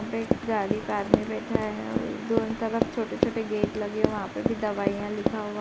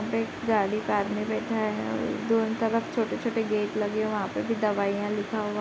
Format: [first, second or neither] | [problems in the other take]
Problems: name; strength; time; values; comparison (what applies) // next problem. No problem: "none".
second | background sound (Run); as loud as the speech